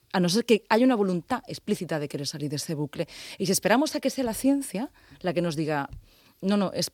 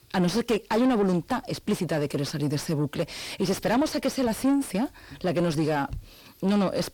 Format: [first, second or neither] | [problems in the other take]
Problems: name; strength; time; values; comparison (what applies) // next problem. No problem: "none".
first | distortion; heavy; 7 dB below the speech